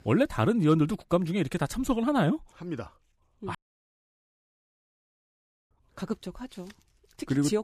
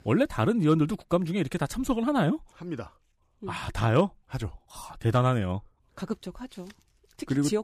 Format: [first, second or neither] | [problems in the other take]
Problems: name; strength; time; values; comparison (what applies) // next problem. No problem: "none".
second | audio cutting out; at 3.5 s for 2 s